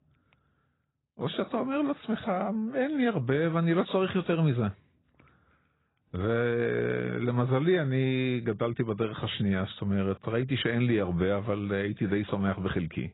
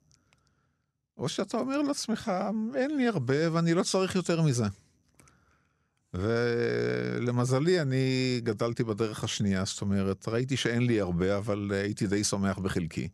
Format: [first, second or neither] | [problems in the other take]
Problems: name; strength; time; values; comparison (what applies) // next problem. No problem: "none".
second | garbled, watery; badly; nothing above 4 kHz